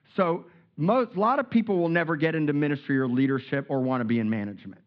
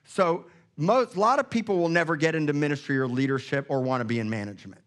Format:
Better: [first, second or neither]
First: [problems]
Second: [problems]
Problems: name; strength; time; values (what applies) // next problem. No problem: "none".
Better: second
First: muffled; slightly; fading above 3.5 kHz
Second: none